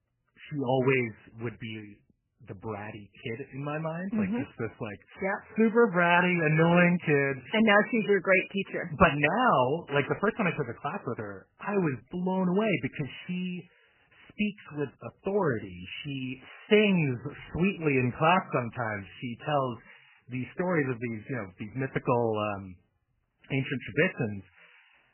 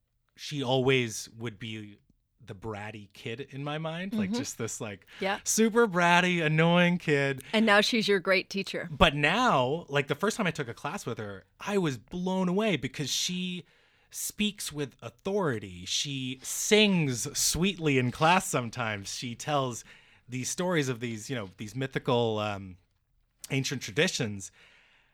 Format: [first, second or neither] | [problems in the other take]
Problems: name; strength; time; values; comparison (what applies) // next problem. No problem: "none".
second | garbled, watery; badly; nothing above 3 kHz